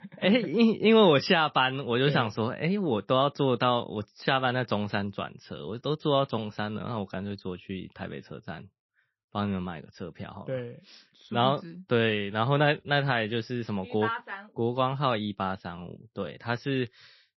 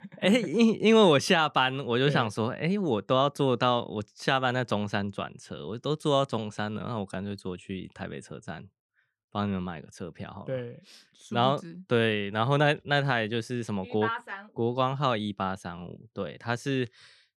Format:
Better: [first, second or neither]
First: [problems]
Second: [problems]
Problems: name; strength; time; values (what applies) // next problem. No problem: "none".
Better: second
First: garbled, watery; slightly; nothing above 5.5 kHz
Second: none